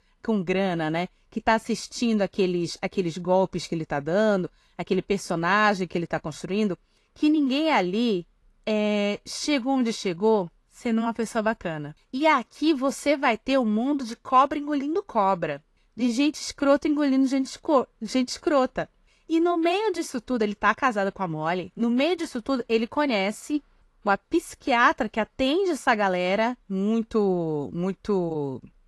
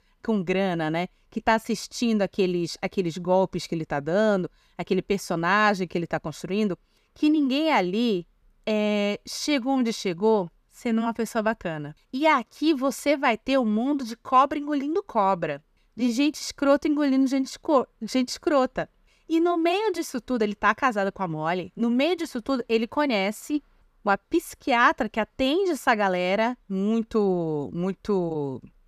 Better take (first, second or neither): second